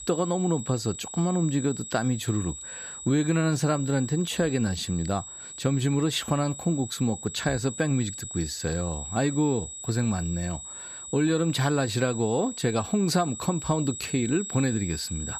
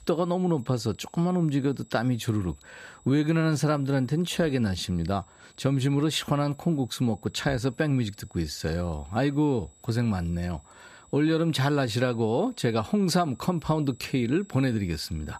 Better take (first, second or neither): second